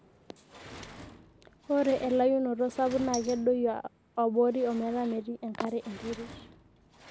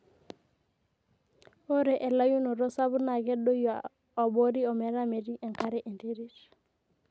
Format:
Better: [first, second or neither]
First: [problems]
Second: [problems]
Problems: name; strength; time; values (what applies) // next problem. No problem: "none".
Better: second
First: background sound (Sliding door); 18 dB below the speech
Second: none